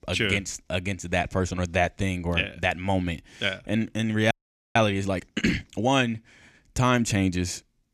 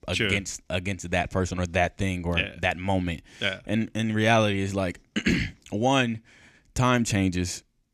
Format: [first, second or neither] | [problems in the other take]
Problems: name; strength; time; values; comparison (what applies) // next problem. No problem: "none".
second | audio freezing; at 4.5 s